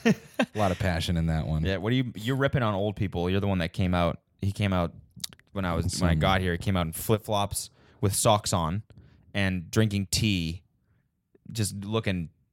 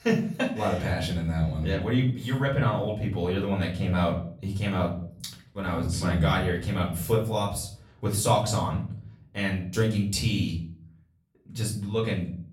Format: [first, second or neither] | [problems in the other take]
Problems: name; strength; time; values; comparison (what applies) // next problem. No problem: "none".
first | off-mic speech; far // room echo; slight; dies away in 0.4 s